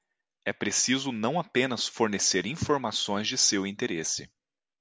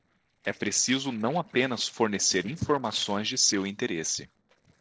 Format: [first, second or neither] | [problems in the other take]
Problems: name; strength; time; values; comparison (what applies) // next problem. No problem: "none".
first | noise reduction (neural separator model SepFormer DNS4)